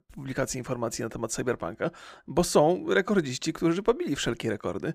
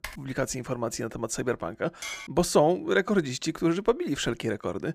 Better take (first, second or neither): first